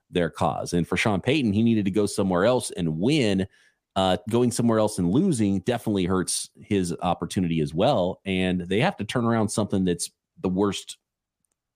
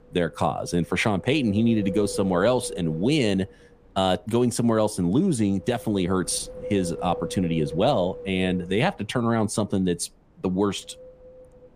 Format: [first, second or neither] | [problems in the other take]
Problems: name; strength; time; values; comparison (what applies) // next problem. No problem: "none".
first | wind noise on the microphone; occasional gusts; 10 dB below the speech